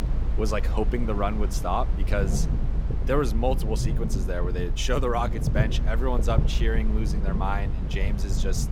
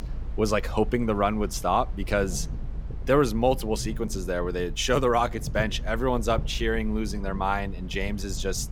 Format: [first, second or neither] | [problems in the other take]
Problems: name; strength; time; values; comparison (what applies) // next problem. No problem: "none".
second | low rumble; loud; throughout; 10 dB below the speech; faint in the second